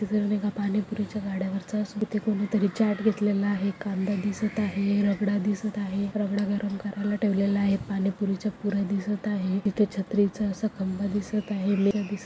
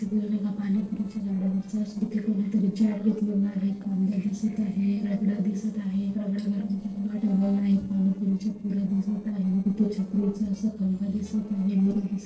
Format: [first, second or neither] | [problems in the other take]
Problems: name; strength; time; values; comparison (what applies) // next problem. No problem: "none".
first | noise reduction (neural separator model SepFormer DNS4)